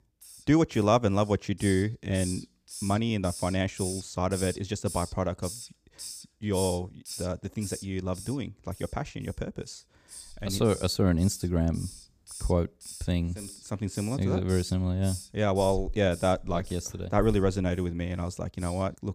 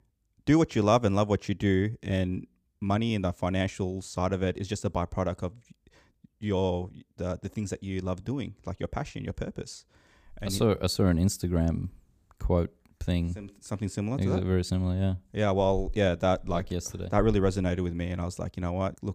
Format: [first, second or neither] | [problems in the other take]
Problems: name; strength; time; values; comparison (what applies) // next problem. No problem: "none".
second | hiss; noticeable; throughout; 15 dB below the speech